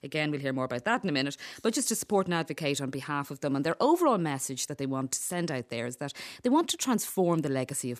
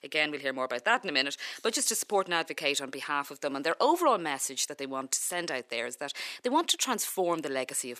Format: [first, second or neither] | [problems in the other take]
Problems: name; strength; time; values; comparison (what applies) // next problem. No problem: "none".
first | thin; somewhat; fading below 450 Hz